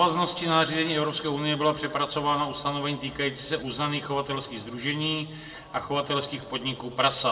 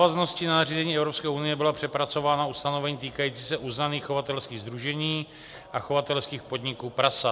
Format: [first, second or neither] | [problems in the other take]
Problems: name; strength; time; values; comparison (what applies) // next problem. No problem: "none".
second | room echo; dies away in 1.4 s